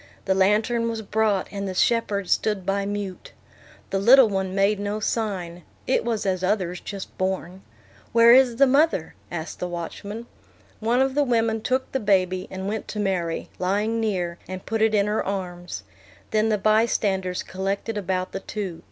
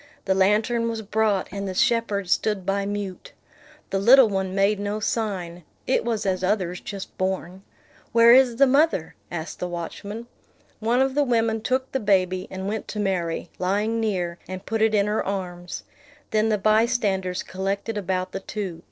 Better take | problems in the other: first | noise reduction (neural separator model SepFormer DNS4)

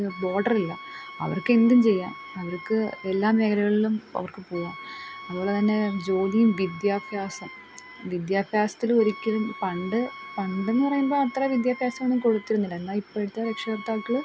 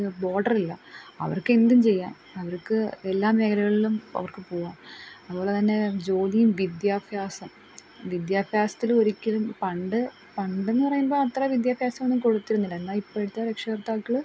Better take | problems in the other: second | background sound (Wind instrument, woodwind instrument); 17 dB below the speech

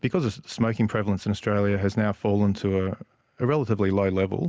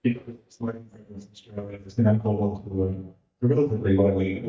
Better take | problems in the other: first | noise reduction (neural mask model DeepFilterNet 3)

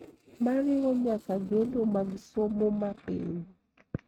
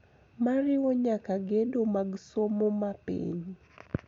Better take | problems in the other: second | noise reduction (neural mask model RNNoise)

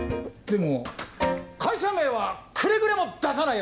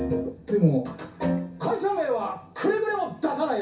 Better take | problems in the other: first | room echo; dies away in 0.3 s

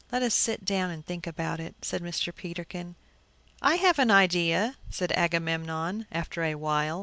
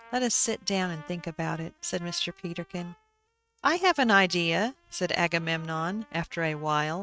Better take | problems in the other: first | noise reduction (neural mask model RNNoise)

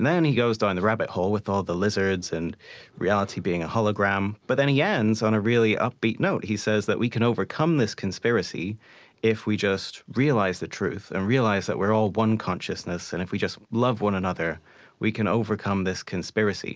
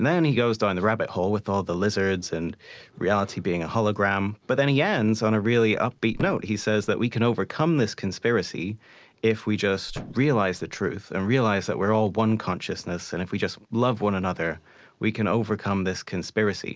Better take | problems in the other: first | background sound (Thump, thud); 18 dB below the speech

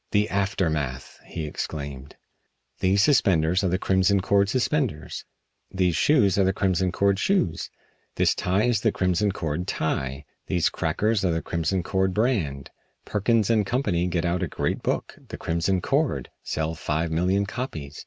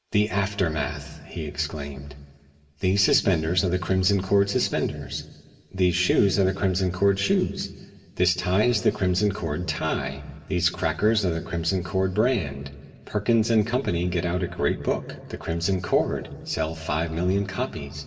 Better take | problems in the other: first | room echo; dies away in 1.5 s

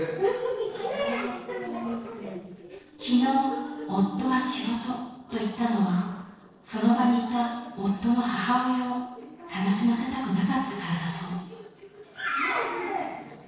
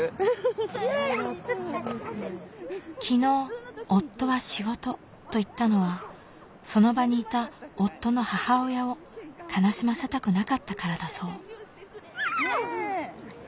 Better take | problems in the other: second | noise reduction (neural separator model SepFormer DNS4)

